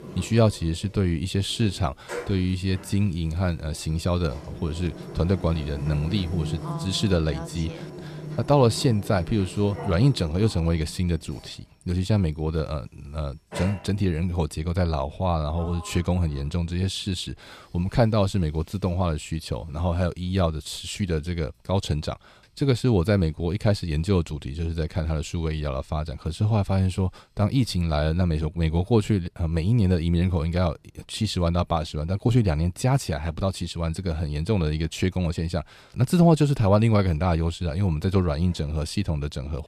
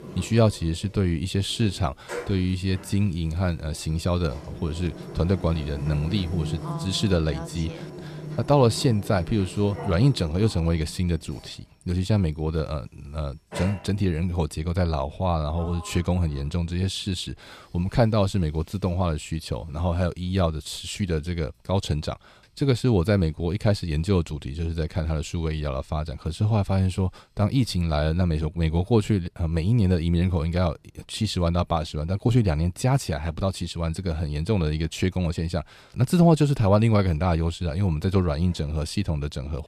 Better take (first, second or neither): neither